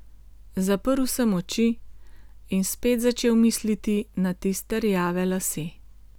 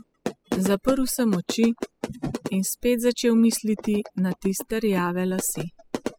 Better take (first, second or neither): first